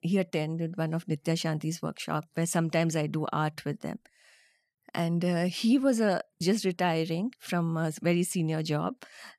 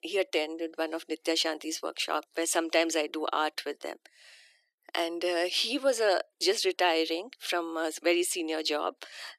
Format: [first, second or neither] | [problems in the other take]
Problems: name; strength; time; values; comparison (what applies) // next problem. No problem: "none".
first | thin; very; fading below 350 Hz